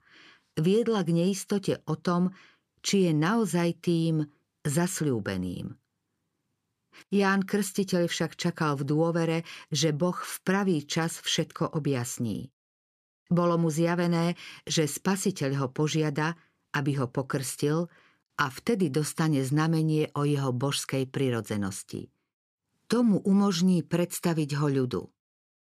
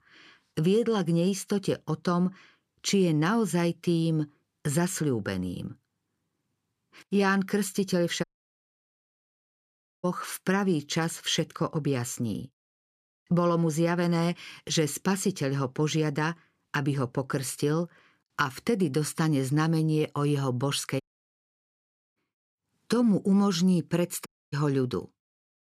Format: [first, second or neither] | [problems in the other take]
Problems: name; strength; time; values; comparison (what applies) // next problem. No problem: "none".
first | audio cutting out; at 8 s for 2 s, at 21 s for 1 s and at 24 s